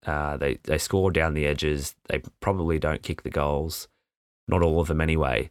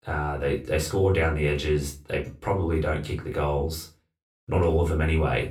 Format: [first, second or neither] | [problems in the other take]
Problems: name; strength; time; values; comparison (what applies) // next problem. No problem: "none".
first | off-mic speech; far // room echo; very slight; dies away in 0.3 s